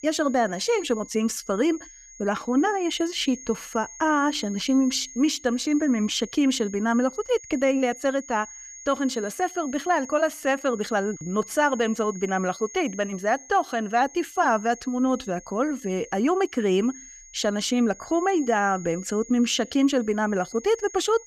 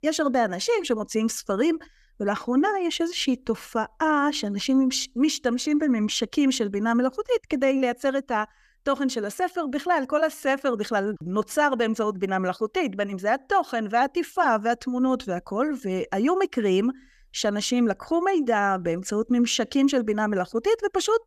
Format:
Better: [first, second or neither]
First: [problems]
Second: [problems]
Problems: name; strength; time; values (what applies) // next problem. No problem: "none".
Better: second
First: high-pitched whine; noticeable; throughout; 6.5 kHz, 15 dB below the speech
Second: none